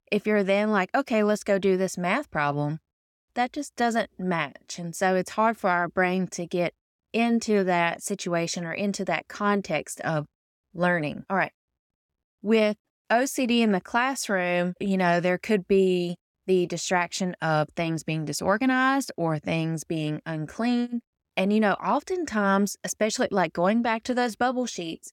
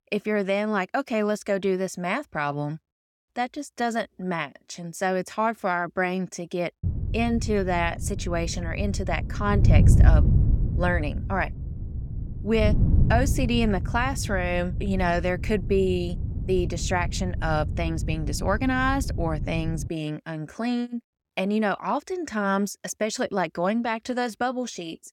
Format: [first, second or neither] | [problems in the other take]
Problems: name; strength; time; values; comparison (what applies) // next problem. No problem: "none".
first | wind noise on the microphone; occasional gusts; from 7 to 20 s; 15 dB below the speech